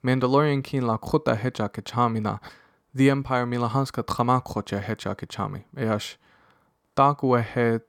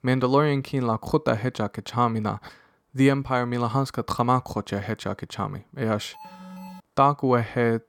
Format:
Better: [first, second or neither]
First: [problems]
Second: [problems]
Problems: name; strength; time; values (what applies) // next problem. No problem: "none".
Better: first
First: none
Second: alarm; faint; at 6 s; peak 15 dB below the speech